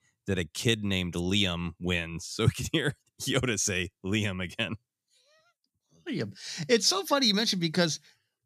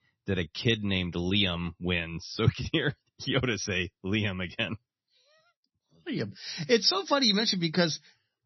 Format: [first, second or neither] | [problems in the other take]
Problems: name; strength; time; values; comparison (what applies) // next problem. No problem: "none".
first | garbled, watery; slightly; nothing above 6 kHz